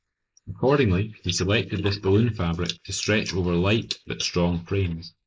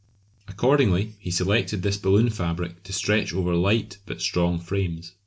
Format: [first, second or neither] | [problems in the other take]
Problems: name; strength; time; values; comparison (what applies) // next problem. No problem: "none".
second | noise reduction (neural mask model Resemble Enhance denoiser)